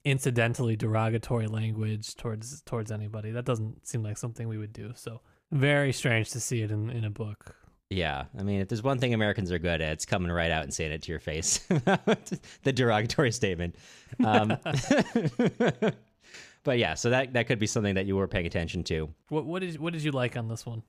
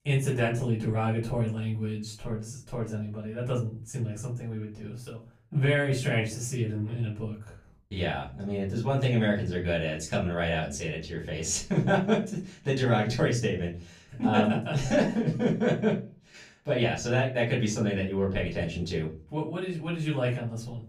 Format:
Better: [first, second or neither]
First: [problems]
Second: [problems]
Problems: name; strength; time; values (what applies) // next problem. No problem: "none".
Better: first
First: none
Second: off-mic speech; far // room echo; slight; dies away in 0.3 s